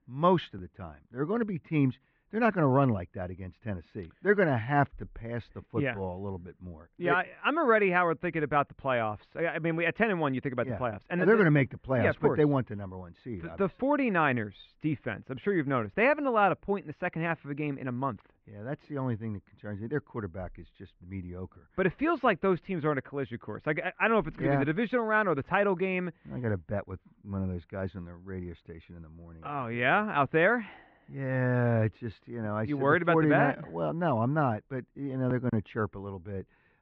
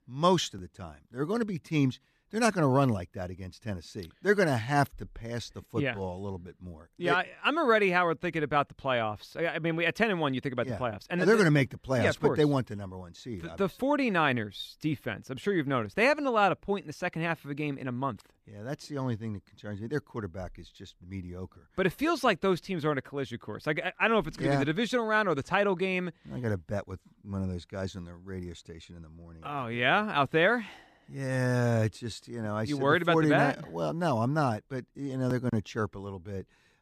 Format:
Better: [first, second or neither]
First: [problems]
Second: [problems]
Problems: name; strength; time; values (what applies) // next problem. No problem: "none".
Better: second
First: muffled; very; fading above 2.5 kHz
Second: none